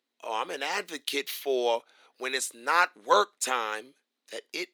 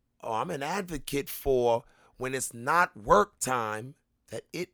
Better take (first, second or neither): second